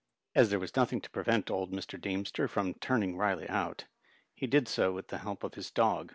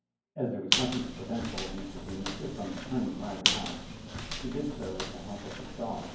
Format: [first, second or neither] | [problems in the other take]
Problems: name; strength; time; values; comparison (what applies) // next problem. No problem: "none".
first | background sound (Squeak); 1 dB above the speech // room echo; dies away in 0.9 s